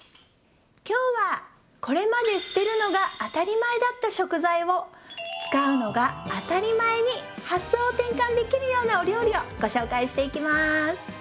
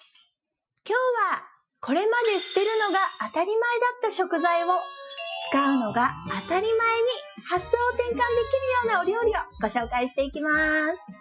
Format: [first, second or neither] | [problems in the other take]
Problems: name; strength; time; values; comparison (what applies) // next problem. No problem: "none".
first | noise reduction (classical method Wiener filter)